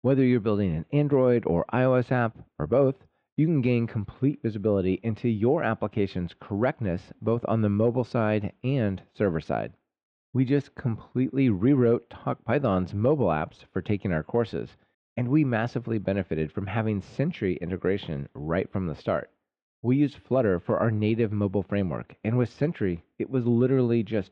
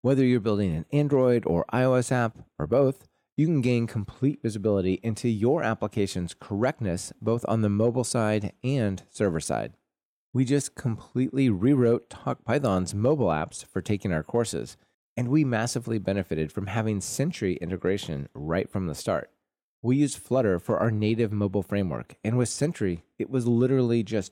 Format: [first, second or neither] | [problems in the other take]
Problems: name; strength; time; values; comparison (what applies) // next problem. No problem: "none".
second | muffled; very; fading above 3.5 kHz